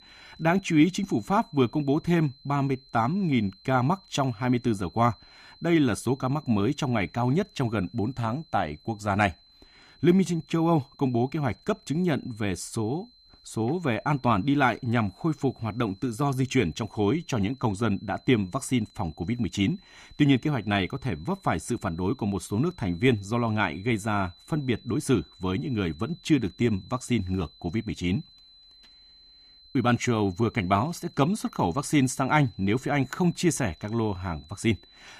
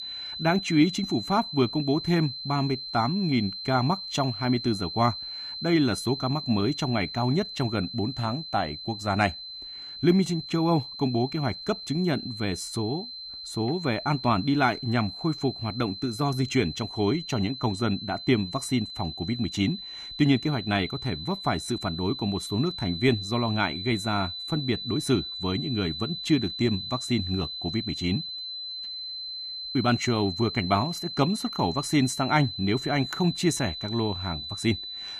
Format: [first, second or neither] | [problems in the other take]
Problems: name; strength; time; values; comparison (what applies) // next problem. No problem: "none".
first | high-pitched whine; loud; throughout; 4 kHz, 7 dB below the speech; faint in the first